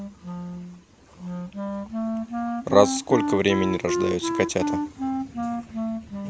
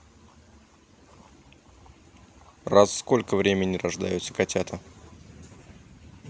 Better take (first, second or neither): second